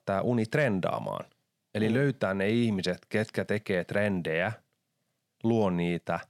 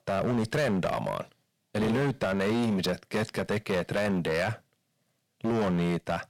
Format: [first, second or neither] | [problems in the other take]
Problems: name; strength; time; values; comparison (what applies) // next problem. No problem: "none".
first | distortion; heavy; 16% of the sound clipped